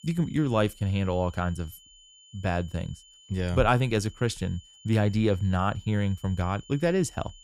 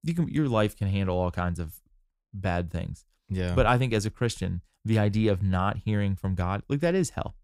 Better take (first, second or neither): second